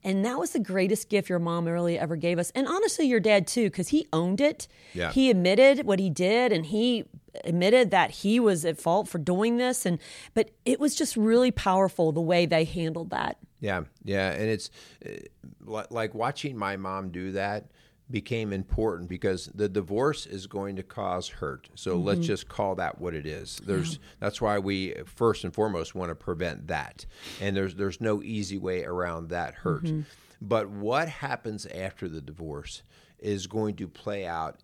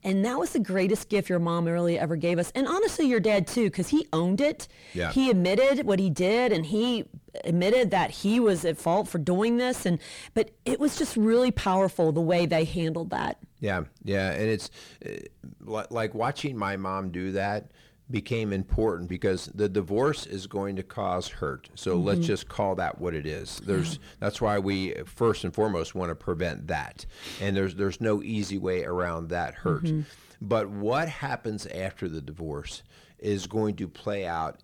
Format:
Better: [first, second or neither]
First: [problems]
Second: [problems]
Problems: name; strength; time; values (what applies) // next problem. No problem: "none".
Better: first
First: none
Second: distortion; slight; 10 dB below the speech